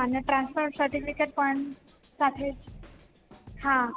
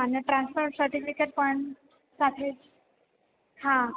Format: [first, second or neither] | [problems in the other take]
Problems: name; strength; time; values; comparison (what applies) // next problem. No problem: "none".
second | background sound (Drum kit); 19 dB below the speech